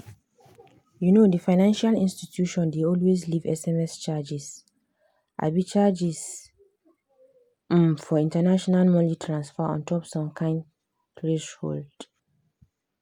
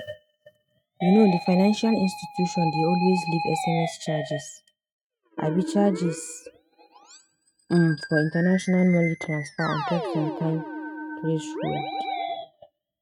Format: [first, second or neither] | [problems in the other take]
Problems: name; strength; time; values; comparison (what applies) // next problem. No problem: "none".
first | noise reduction (neural mask model RNNoise)